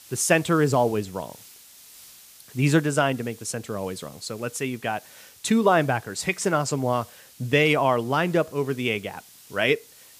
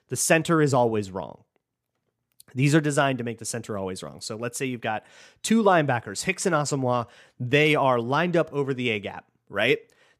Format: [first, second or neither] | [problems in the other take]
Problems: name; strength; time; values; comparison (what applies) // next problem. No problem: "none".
second | hiss; faint; throughout; 25 dB below the speech